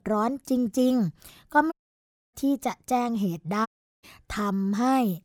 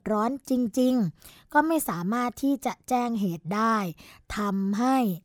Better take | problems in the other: second | audio cutting out; at 1.5 s for 0.5 s and at 3.5 s

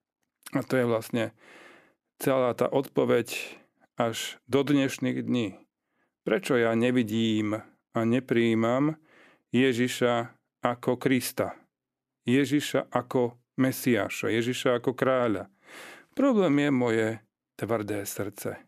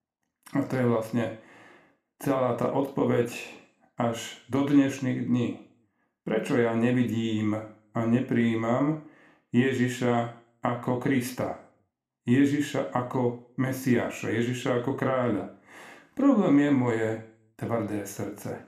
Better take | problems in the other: first | room echo; slight; dies away in 0.4 s

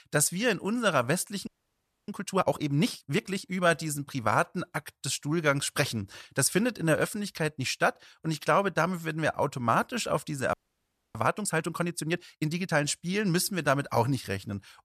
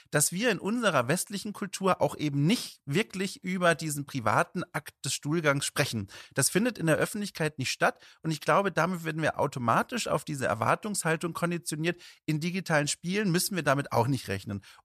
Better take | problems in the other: second | audio freezing; at 1.5 s for 0.5 s and at 11 s for 0.5 s

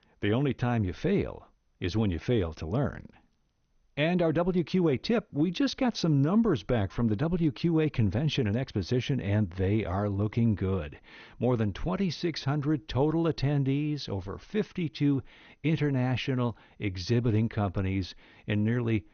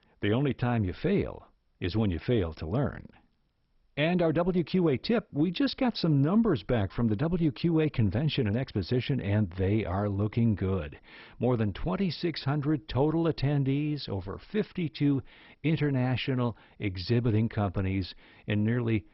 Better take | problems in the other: first | garbled, watery; badly; nothing above 5.5 kHz; slightly in the first

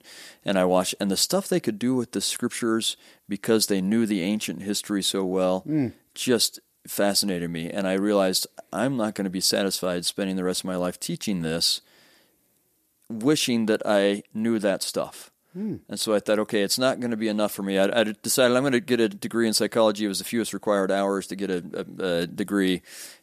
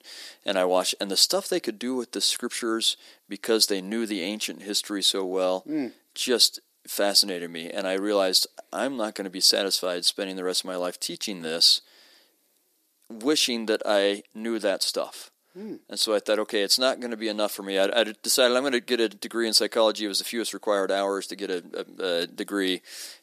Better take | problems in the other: first | thin; very slightly; fading below 300 Hz

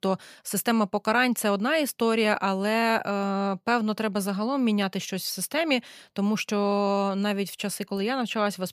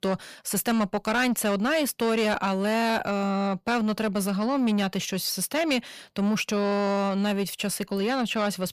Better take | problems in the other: first | distortion; slight; 10 dB below the speech

